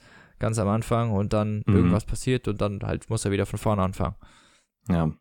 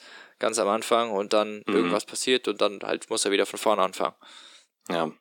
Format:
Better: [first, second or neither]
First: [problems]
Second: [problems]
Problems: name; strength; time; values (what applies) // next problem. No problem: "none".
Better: first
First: none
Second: thin; somewhat; fading below 300 Hz